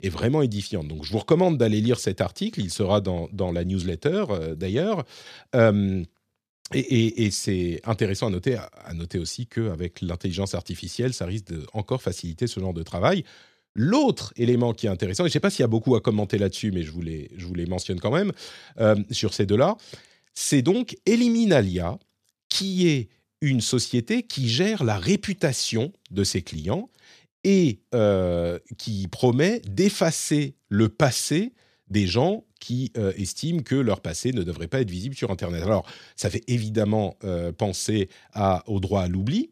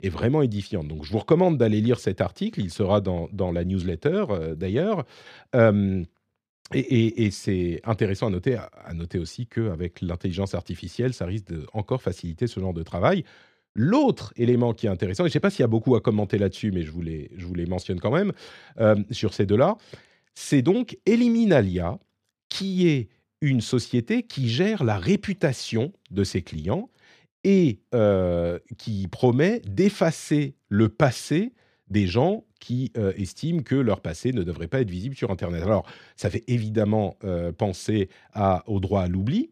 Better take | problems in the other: first | muffled; slightly; fading above 3.5 kHz

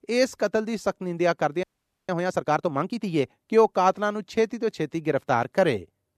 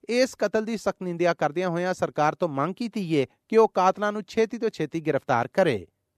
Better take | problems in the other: second | audio freezing; at 1.5 s

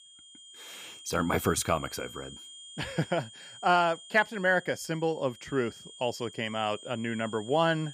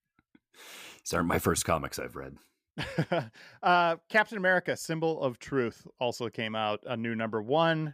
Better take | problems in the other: second | high-pitched whine; noticeable; throughout; 3 kHz, 15 dB below the speech

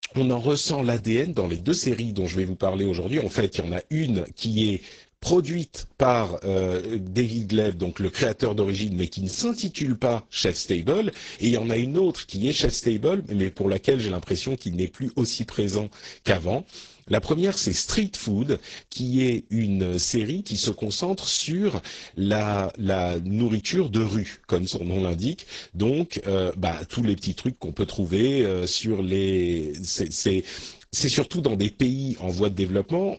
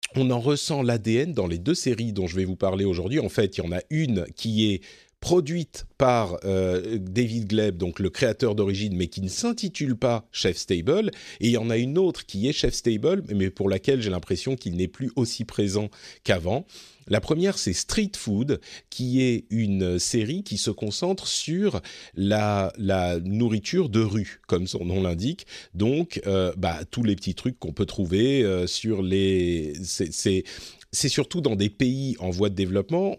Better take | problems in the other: second | garbled, watery; badly; nothing above 7.5 kHz

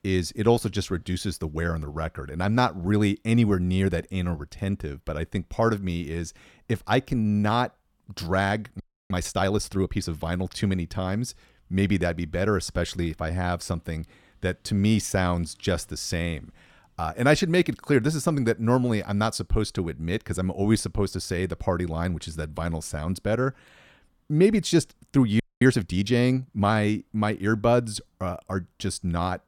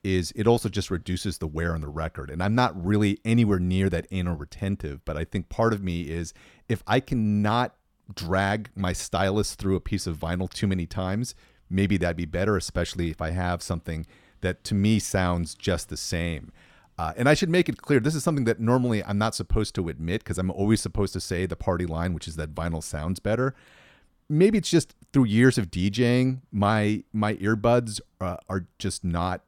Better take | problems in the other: second | audio freezing; at 9 s and at 25 s

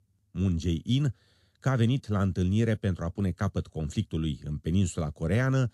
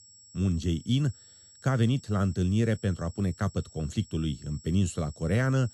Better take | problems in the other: first | high-pitched whine; faint; throughout; 7.5 kHz, 20 dB below the speech

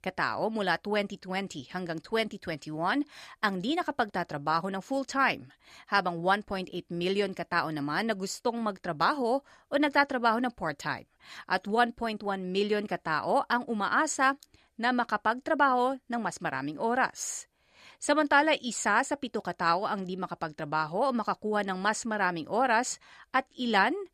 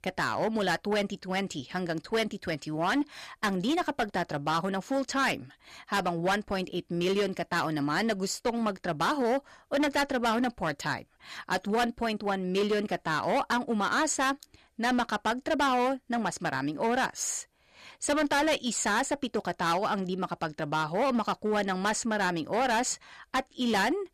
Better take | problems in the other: first | distortion; heavy; 10% of the sound clipped

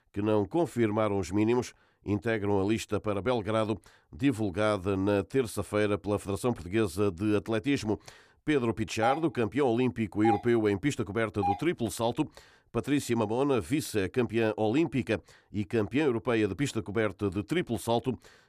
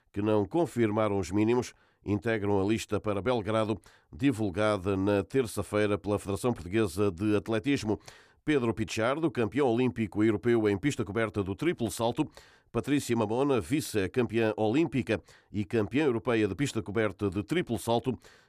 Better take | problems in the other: second | doorbell; noticeable; from 9 to 12 s; peak 3 dB below the speech

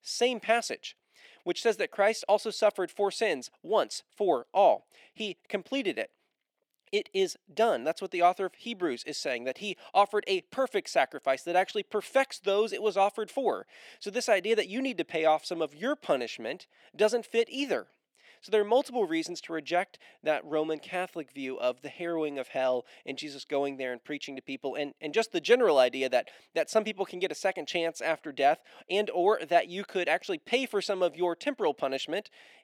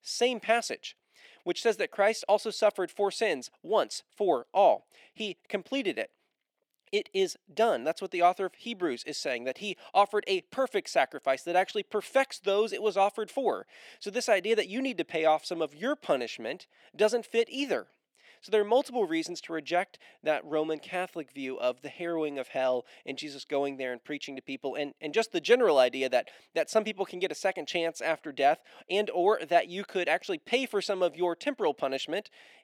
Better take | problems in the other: neither | thin; somewhat; fading below 250 Hz; the same in both

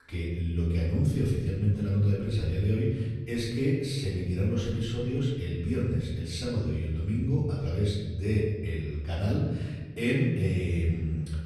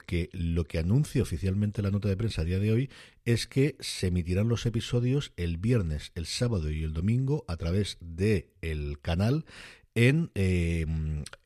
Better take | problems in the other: second | off-mic speech; far // room echo; noticeable; dies away in 1.4 s

